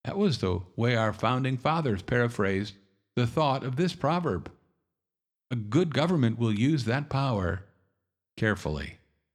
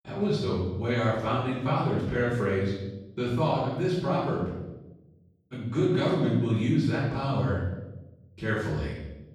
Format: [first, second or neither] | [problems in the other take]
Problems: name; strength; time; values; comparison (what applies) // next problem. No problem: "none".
first | room echo; strong; dies away in 1 s // off-mic speech; far